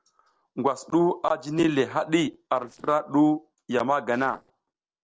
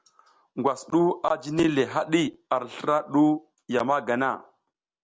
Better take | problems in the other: second | noise reduction (neural separator model SepFormer DNS4)

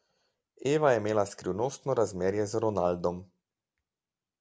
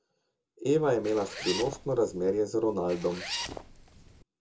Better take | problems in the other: first | background sound (Zipper (clothing)); 10 dB below the speech // room echo; dies away in 0.2 s

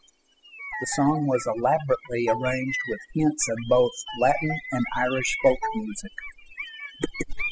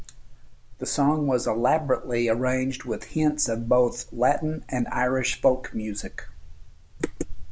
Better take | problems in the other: second | noise reduction (classical method spectral subtraction)

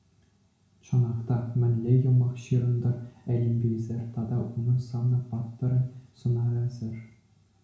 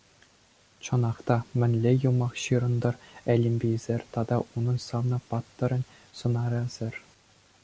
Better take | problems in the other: second | room echo; dies away in 0.5 s

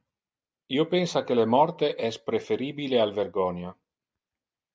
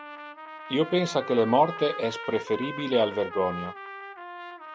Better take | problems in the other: first | background sound (Trumpet); 11 dB below the speech

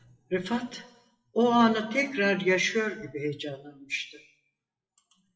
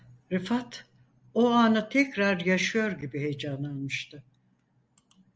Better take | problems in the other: second | noise reduction (classical method WPE with log-MMSE)

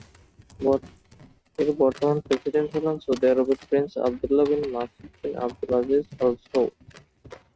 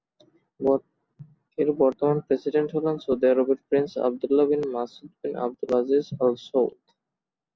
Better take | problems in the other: second | noise reduction (neural mask model RNNoise)

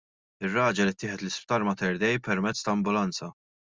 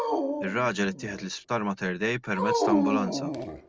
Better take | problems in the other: first | background sound (Dog); as loud as the speech

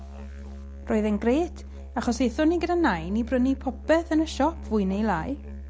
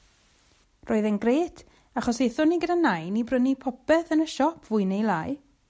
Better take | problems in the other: second | background sound (Musical instrument); 12 dB below the speech

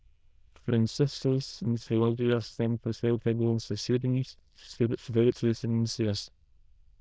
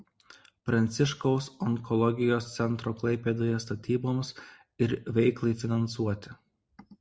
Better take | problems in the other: second | noise reduction (neural diffusion model UNIVERSE++)

